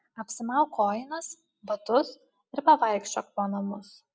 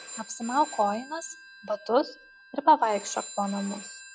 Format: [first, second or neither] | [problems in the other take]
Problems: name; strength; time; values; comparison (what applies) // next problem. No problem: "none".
first | background sound (Telephone); 16 dB below the speech